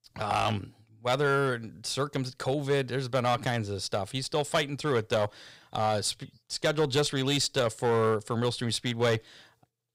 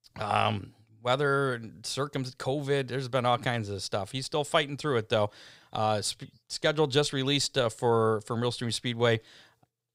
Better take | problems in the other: second | distortion; slight; 4% of the sound clipped

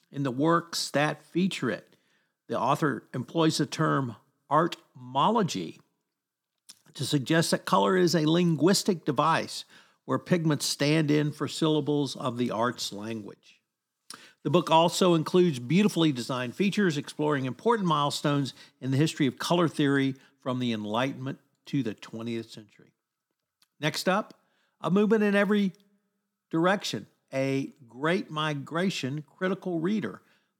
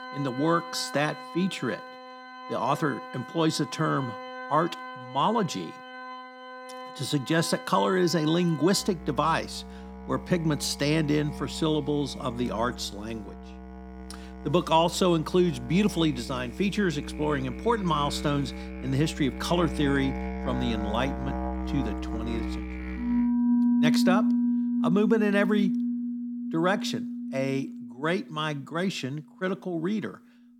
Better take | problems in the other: first | background music; loud; throughout; 5 dB below the speech

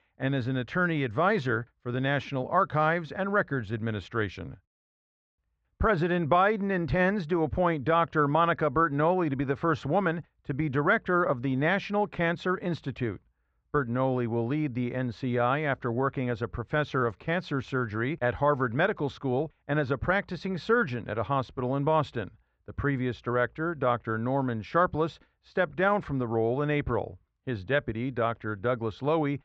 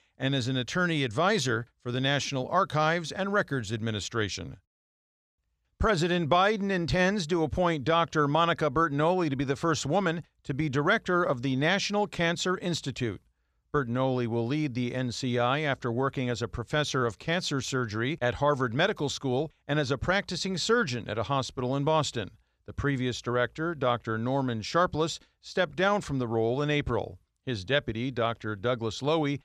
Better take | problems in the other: second | muffled; very; fading above 2 kHz

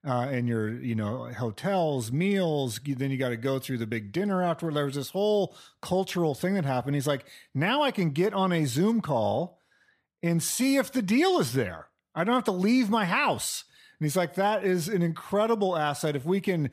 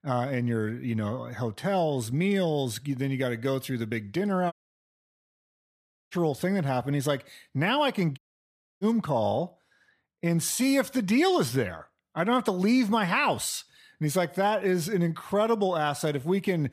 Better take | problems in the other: first | audio cutting out; at 4.5 s for 1.5 s and at 8 s for 0.5 s

